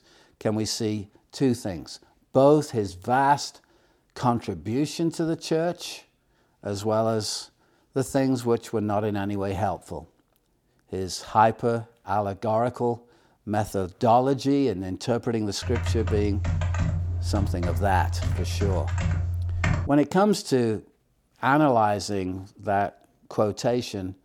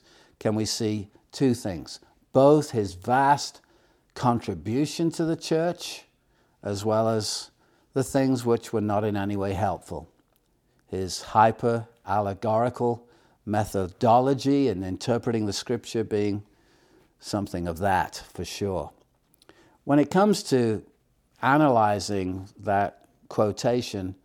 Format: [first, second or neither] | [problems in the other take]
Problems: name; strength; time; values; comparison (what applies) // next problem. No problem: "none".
second | keyboard typing; noticeable; from 16 to 20 s; peak level with the speech